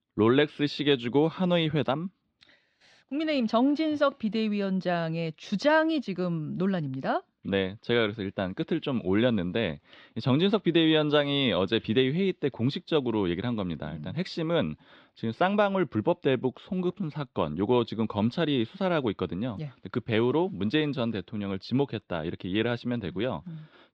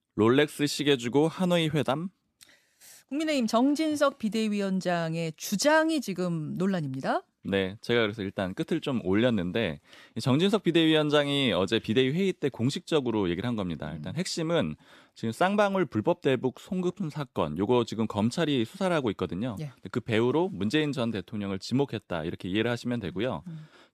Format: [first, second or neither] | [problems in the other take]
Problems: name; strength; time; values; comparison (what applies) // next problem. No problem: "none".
second | muffled; very slightly; fading above 4 kHz